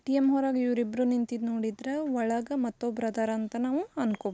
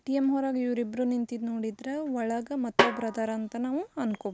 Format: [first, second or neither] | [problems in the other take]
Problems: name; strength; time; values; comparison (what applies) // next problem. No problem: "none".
first | background sound (Snare drum); 1 dB below the speech